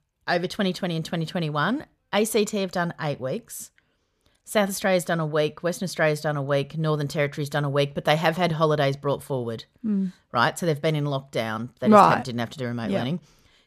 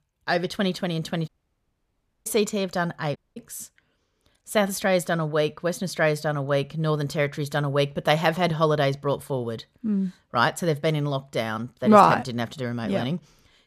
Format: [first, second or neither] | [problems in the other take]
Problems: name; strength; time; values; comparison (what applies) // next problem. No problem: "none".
first | audio cutting out; at 1.5 s for 1 s and at 3 s